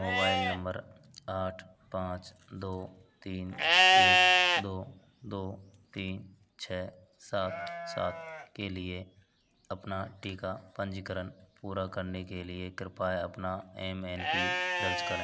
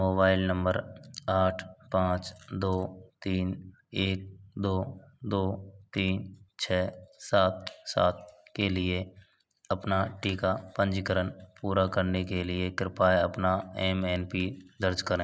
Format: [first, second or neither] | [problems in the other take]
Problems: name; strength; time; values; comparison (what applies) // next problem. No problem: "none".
second | background sound (Livestock, farm animals, working animals); 5 dB above the speech